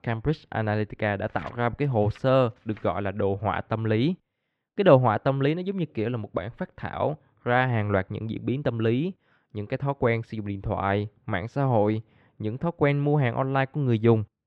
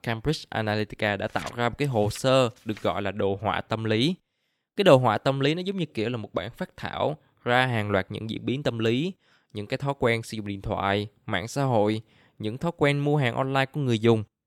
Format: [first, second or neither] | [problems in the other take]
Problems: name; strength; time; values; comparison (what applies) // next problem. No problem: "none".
second | muffled; slightly; fading above 2 kHz